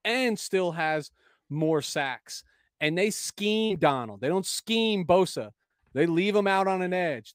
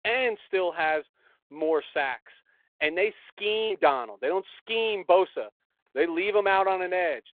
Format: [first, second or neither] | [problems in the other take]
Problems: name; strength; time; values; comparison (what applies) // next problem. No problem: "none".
first | phone-call audio